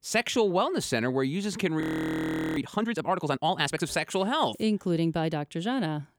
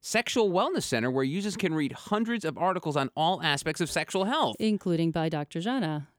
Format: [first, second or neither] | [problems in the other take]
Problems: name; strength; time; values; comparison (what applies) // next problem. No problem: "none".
second | audio freezing; at 2 s for 1 s